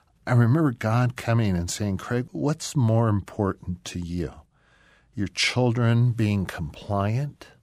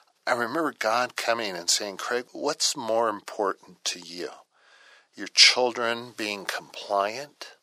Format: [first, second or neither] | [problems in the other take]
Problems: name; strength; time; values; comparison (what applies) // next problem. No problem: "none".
first | thin; very; fading below 450 Hz